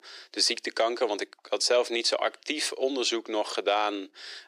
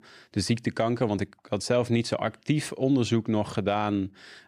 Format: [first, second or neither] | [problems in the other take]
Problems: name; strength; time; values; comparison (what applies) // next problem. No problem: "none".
second | thin; very; fading below 350 Hz